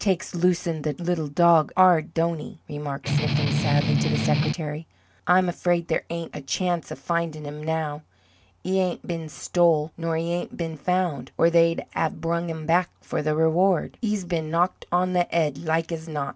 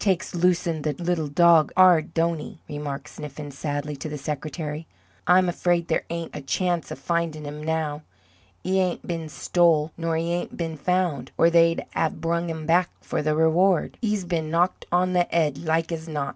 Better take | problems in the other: second | background sound (Strum); 2 dB above the speech

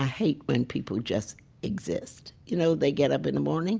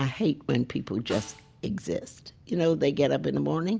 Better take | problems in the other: first | background sound (Snare drum); 20 dB below the speech

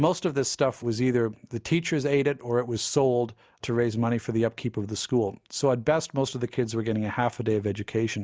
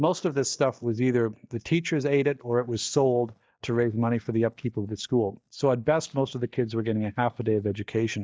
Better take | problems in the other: first | noise reduction (neural mask model DeepFilterNet 3)

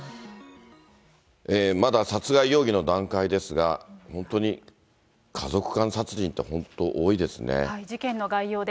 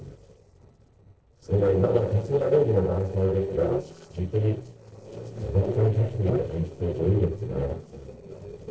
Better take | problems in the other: first | noise reduction (neural separator model SepFormer DNS4)

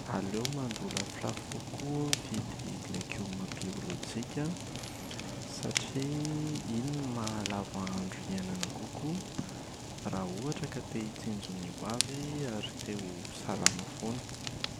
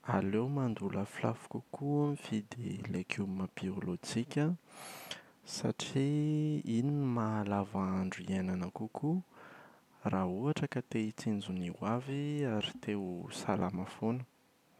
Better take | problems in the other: second | background sound (Fire); 1 dB below the speech

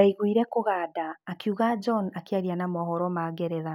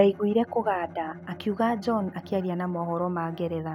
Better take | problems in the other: first | background sound (Bowed string instrument); 18 dB below the speech

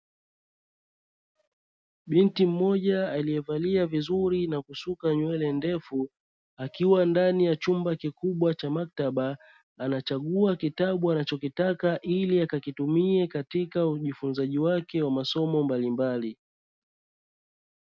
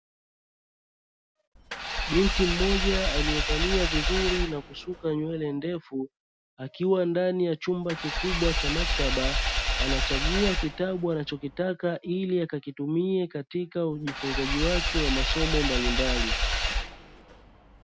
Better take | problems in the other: first | background sound (Engine / Vehicle); 2 dB above the speech

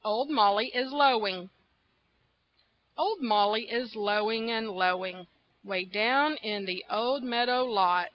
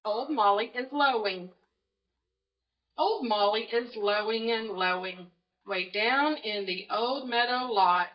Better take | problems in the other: first | noise reduction (neural mask model DeepFilterNet 3)

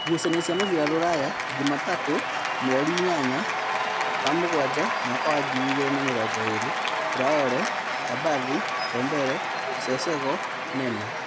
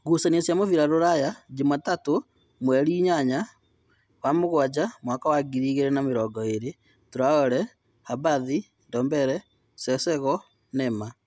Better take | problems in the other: second | background sound (Applause / Cheering); as loud as the speech

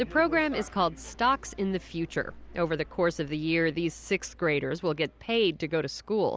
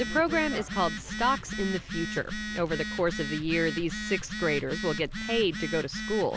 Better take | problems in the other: first | background sound (Telephone); 6 dB below the speech

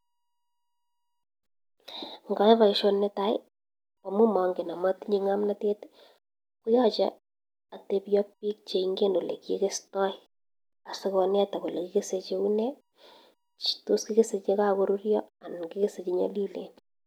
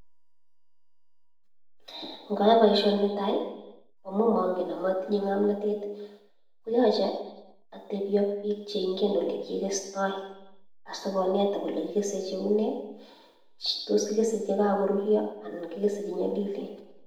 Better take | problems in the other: first | room echo; dies away in 0.7 s

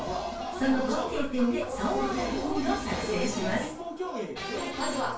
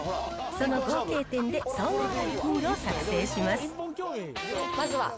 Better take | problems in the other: second | room echo; dies away in 0.3 s

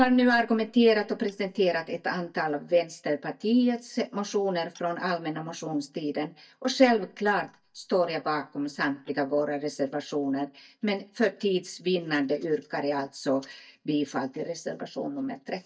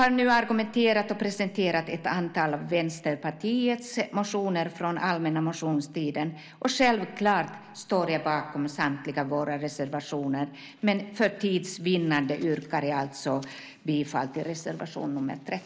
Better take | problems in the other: second | noise reduction (neural mask model DeepFilterNet 3)

